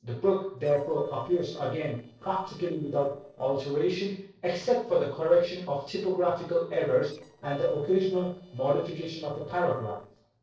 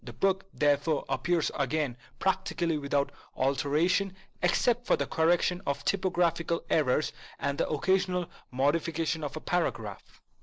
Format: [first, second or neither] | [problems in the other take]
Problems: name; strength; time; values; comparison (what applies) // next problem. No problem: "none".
second | noise reduction (neural separator model SepFormer DNS4)